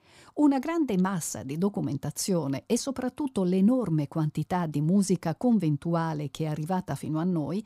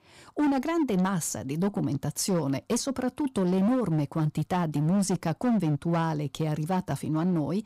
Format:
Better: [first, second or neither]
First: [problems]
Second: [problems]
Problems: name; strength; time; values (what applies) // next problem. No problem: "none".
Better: first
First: none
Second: distortion; slight; 13% of the sound clipped